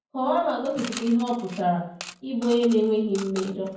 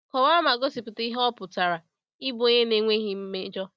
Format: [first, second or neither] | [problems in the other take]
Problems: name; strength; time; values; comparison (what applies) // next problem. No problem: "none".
second | background sound (Coin (dropping) / Mechanisms); 17 dB below the speech // room echo; dies away in 0.9 s